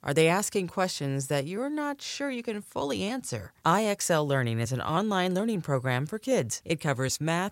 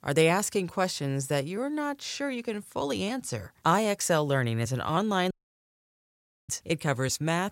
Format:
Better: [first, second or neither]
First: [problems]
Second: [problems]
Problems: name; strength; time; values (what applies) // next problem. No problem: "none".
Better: first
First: none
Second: audio cutting out; at 5.5 s for 1 s